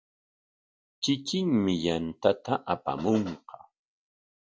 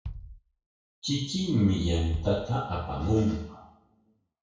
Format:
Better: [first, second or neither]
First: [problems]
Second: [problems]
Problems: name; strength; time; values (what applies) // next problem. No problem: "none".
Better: first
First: none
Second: background sound (Bass drum); 17 dB below the speech // room echo; dies away in 0.6 s